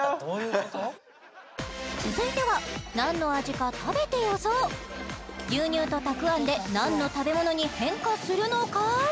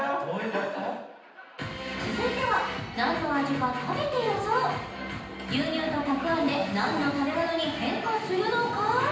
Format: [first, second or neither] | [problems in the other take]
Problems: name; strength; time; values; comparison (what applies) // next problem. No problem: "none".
first | room echo; dies away in 0.9 s